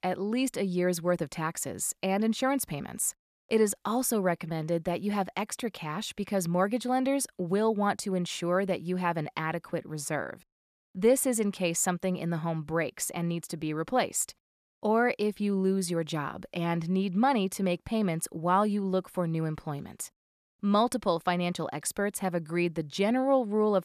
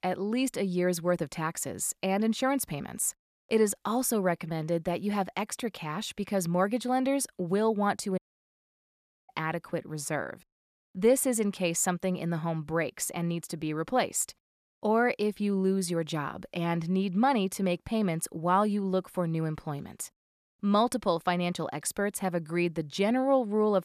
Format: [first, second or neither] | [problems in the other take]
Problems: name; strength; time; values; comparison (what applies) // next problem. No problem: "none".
first | audio cutting out; at 8 s for 1 s